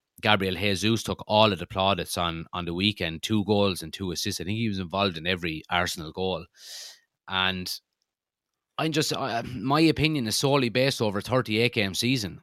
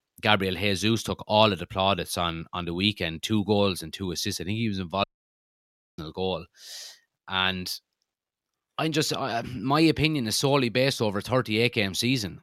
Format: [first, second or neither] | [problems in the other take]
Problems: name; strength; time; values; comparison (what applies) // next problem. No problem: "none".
first | audio cutting out; at 5 s for 1 s